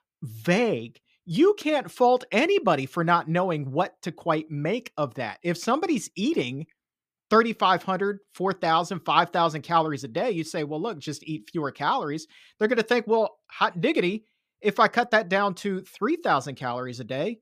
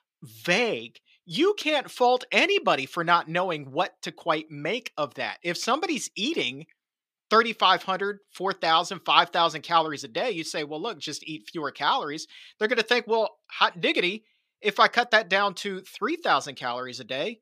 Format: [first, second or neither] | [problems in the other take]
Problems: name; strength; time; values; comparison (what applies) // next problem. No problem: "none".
first | thin; very slightly; fading below 850 Hz